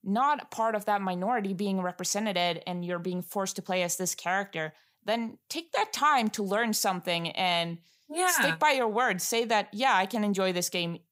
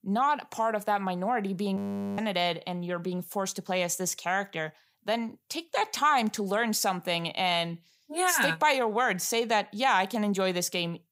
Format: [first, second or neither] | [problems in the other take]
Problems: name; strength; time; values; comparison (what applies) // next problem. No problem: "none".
first | audio freezing; at 2 s